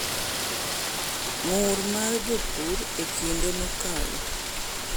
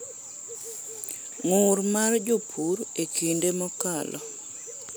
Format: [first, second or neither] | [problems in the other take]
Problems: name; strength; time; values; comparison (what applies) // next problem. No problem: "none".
second | background sound (Rain); 2 dB above the speech